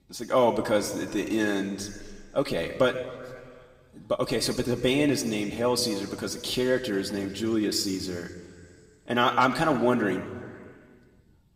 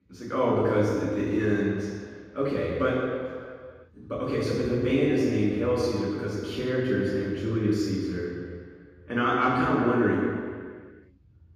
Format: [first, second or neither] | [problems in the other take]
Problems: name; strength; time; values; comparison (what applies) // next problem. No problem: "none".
first | room echo; strong; dies away in 1.8 s; slight in the first // off-mic speech; far